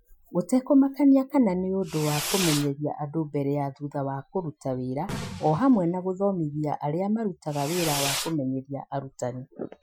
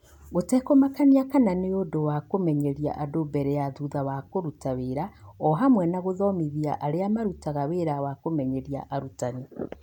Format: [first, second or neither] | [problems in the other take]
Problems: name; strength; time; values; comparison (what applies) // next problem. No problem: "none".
second | noise reduction (classical method Wiener filter)